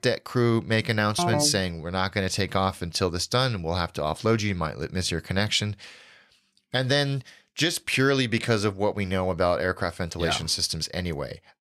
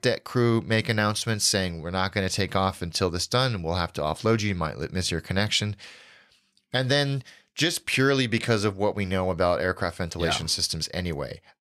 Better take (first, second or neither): second